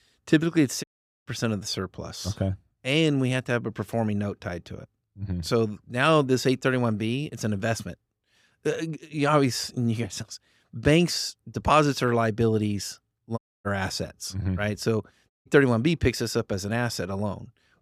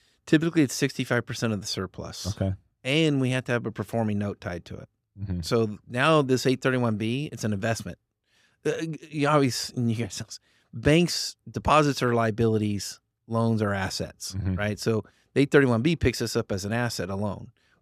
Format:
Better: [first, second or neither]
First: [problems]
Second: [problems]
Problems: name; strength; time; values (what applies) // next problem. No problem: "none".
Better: second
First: audio cutting out; at 1 s, at 13 s and at 15 s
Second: none